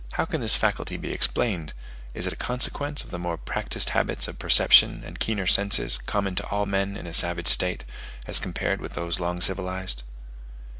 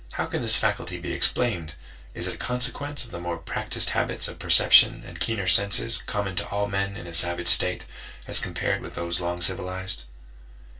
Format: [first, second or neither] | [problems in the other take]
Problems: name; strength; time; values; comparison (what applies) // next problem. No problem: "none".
first | room echo; dies away in 0.2 s